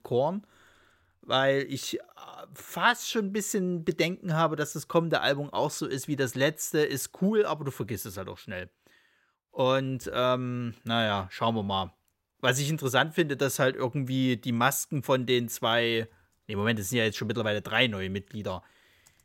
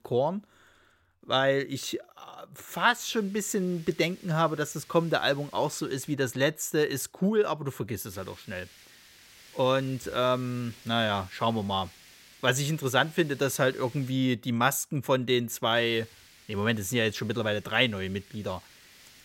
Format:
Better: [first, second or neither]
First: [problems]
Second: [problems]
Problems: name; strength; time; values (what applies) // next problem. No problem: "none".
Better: first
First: none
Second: hiss; faint; from 2.5 to 6 s, from 8 to 14 s and from 16 s on; 25 dB below the speech